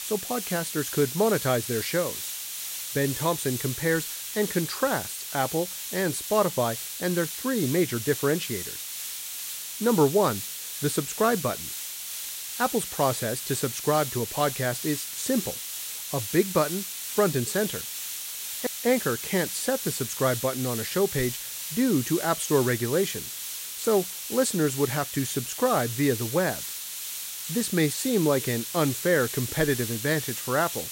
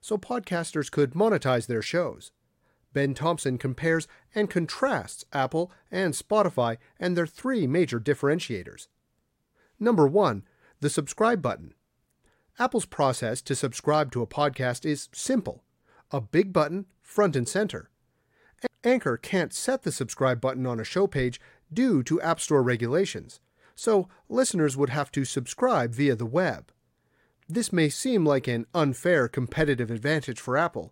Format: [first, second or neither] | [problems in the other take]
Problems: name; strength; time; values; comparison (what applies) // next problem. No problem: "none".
second | hiss; loud; throughout; 5 dB below the speech